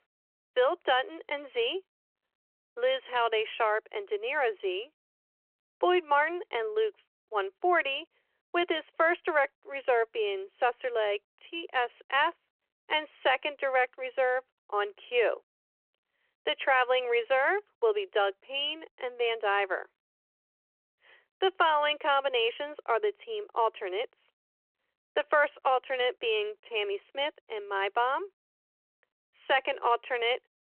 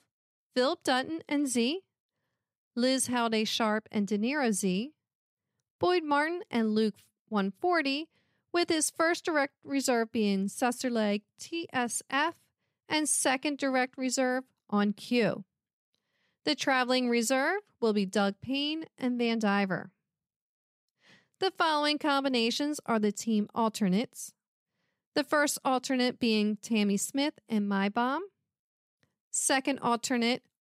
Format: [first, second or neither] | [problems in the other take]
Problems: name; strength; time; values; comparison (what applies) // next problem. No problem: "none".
second | phone-call audio